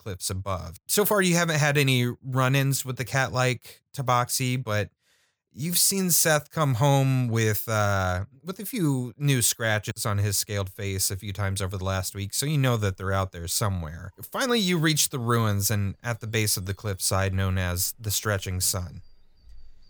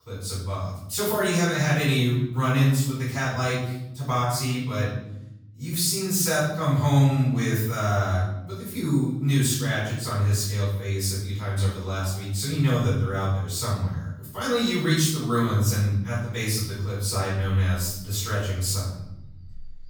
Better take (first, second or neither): first